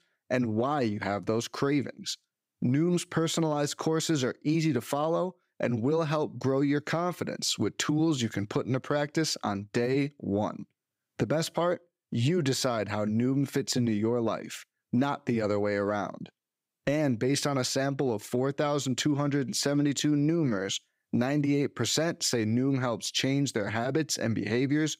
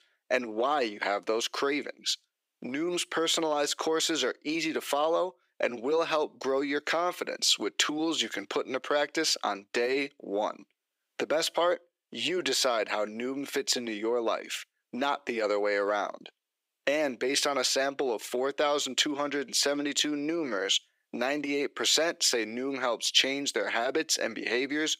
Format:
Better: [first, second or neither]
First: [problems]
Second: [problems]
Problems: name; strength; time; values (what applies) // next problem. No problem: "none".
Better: first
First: none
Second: thin; somewhat; fading below 400 Hz